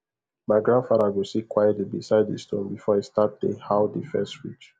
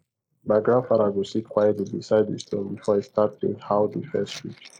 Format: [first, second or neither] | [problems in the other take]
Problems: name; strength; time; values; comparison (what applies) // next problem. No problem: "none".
first | noise reduction (neural mask model Resemble Enhance denoiser)